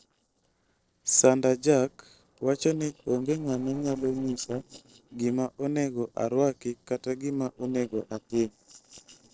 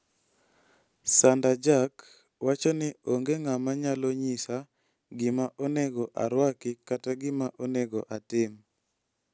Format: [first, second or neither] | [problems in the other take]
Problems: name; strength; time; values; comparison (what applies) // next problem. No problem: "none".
second | noise reduction (neural separator model SepFormer DNS4)